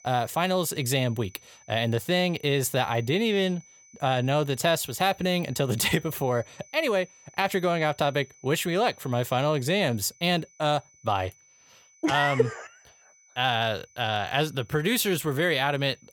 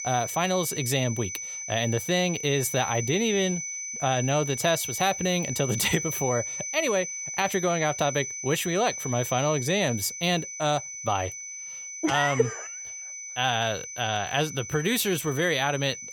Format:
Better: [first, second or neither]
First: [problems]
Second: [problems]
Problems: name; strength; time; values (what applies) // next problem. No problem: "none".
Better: first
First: high-pitched whine; faint; throughout; 6 kHz, 25 dB below the speech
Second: high-pitched whine; loud; throughout; 6 kHz, 7 dB below the speech